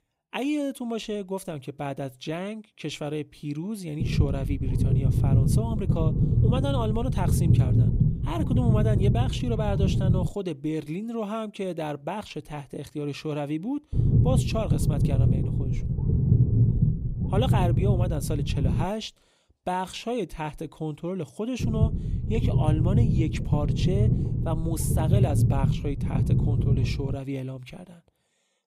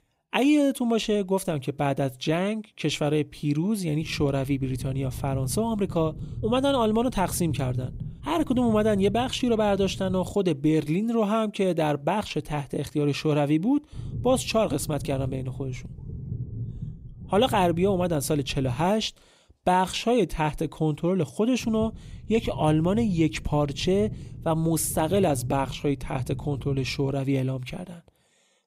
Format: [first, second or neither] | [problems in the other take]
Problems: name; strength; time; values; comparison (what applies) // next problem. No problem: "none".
second | low rumble; loud; from 4 to 10 s, from 14 to 19 s and from 22 to 27 s; 2 dB below the speech; faint in the second